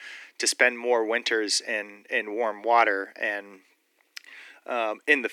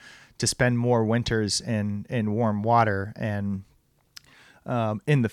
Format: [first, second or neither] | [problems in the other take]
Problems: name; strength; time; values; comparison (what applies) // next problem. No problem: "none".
second | thin; very; fading below 300 Hz